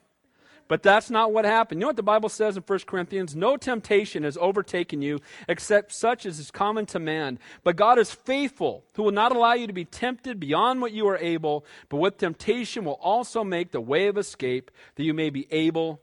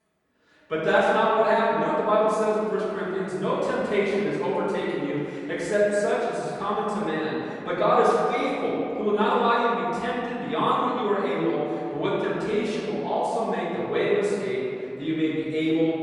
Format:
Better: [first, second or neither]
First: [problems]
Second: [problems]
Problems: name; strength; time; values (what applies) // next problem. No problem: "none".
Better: first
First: none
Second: off-mic speech; far // room echo; strong; dies away in 2.5 s